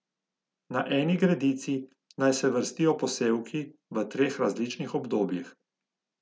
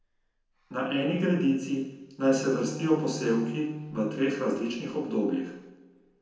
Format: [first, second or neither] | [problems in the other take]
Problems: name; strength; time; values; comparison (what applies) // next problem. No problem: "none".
first | background sound (Wind instrument, woodwind instrument); 15 dB below the speech // room echo; dies away in 0.9 s